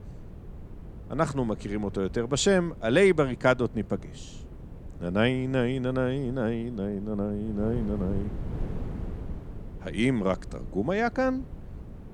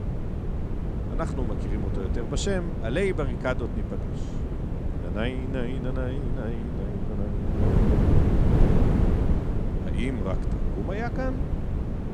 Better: first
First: wind noise on the microphone; occasional gusts; 20 dB below the speech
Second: wind noise on the microphone; heavy; 2 dB below the speech

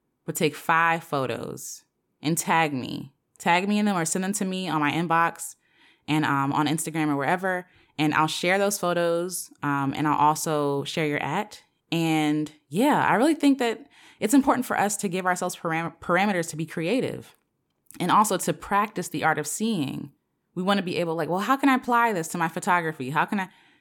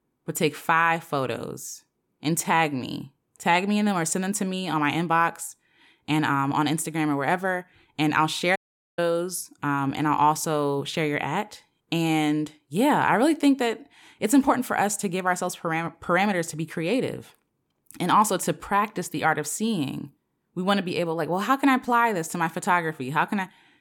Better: first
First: none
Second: audio cutting out; at 8.5 s

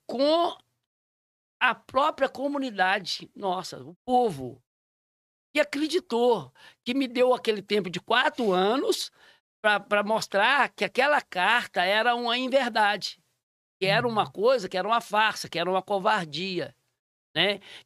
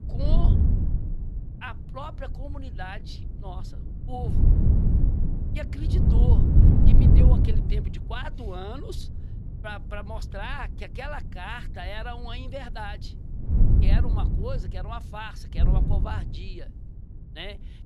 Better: first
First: none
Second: wind noise on the microphone; heavy; 1 dB above the speech

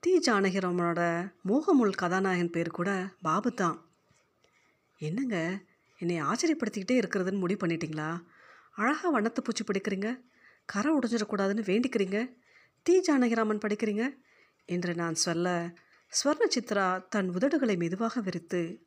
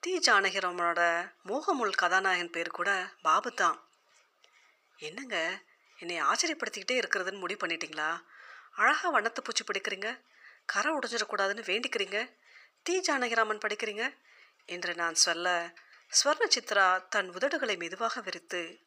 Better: first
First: none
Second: thin; very; fading below 700 Hz

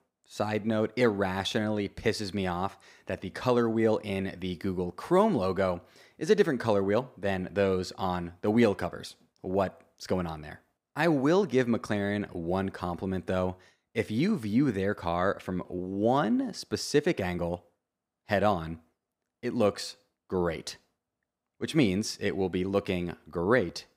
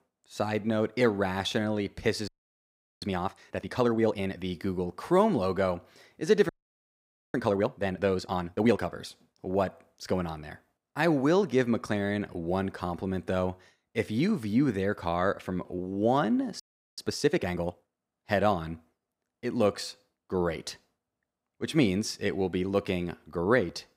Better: first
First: none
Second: audio freezing; at 2.5 s for 0.5 s, at 6.5 s for 1 s and at 17 s

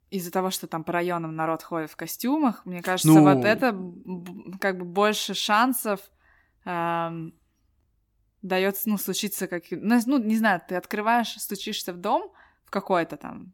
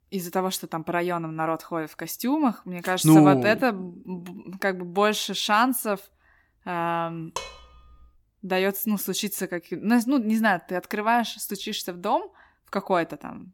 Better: first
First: none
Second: clattering dishes; faint; at 7.5 s; peak 10 dB below the speech

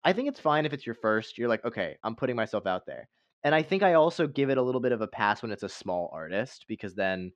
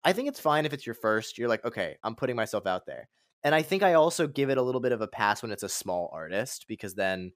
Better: second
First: muffled; slightly; fading above 4 kHz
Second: none

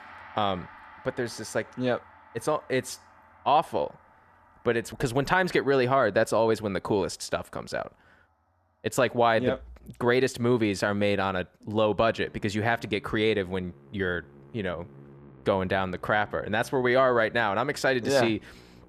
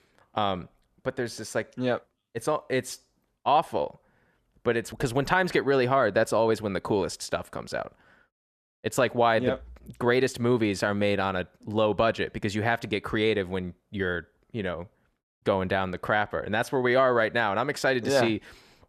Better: second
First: background music; faint; throughout; 25 dB below the speech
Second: none

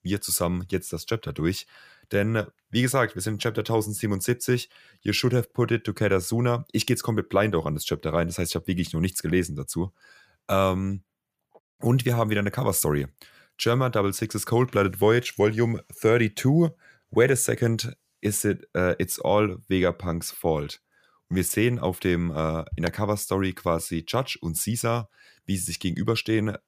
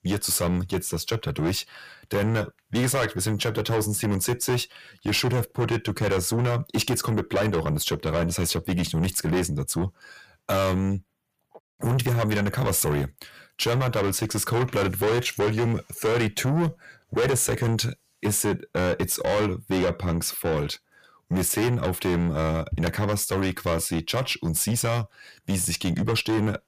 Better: first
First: none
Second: distortion; heavy; 6 dB below the speech

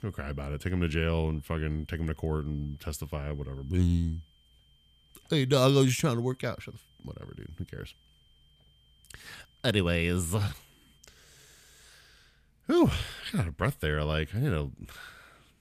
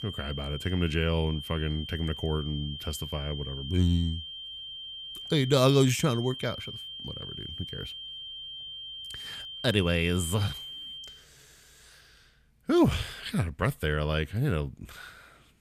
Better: first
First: high-pitched whine; faint; until 11 s; 3 kHz, 35 dB below the speech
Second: high-pitched whine; loud; until 11 s; 3 kHz, 10 dB below the speech

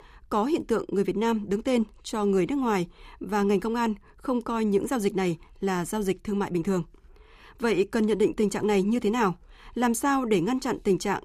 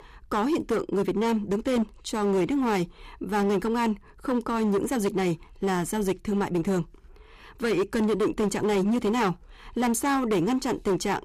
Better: first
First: none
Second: distortion; slight; 13% of the sound clipped

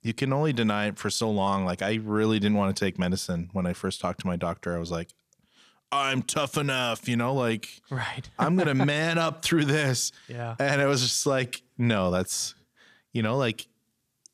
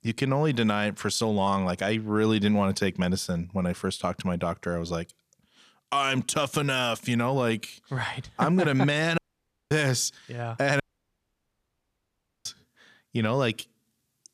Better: first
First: none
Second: audio cutting out; at 9 s for 0.5 s and at 11 s for 1.5 s

